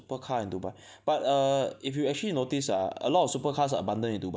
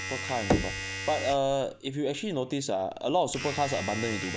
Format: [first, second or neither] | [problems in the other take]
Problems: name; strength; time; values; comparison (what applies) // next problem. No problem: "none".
first | background sound (Knock / Wood + Domestic sounds, home sounds); 5 dB below the speech